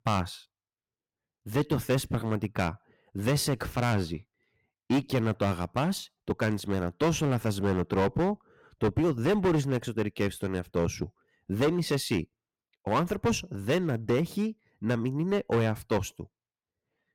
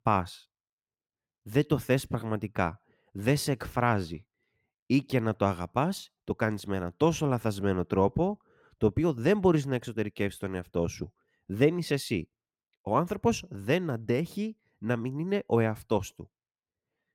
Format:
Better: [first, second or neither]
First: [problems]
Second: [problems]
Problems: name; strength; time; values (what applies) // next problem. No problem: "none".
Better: second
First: distortion; heavy; 8% of the sound clipped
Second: none